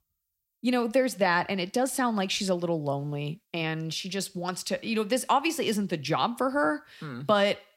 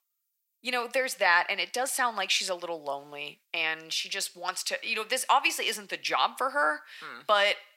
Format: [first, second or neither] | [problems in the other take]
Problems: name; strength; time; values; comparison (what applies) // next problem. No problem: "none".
first | thin; very; fading below 750 Hz